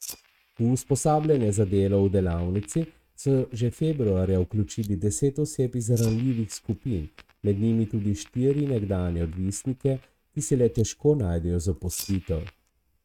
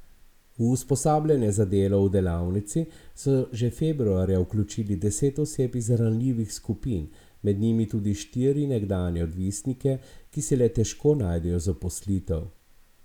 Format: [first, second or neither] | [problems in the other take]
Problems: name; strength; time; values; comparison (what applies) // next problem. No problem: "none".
second | noise reduction (neural mask model RNNoise)